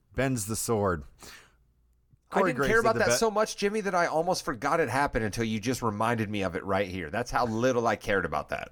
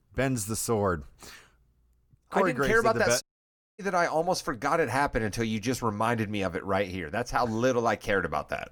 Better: first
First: none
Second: audio cutting out; at 3 s for 0.5 s

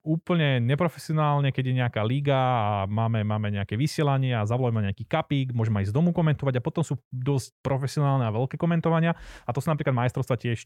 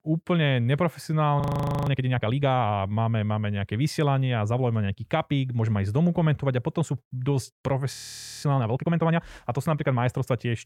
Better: first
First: none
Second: audio freezing; at 1.5 s and at 8 s

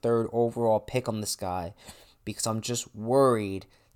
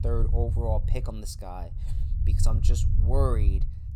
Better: first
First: none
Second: low rumble; loud; throughout; 8 dB below the speech

